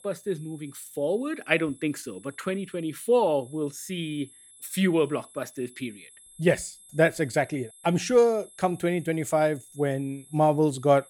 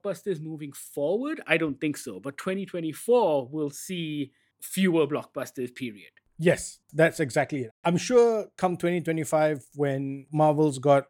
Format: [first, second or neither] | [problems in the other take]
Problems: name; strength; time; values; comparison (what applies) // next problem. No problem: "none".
second | high-pitched whine; faint; throughout; 11 kHz, 25 dB below the speech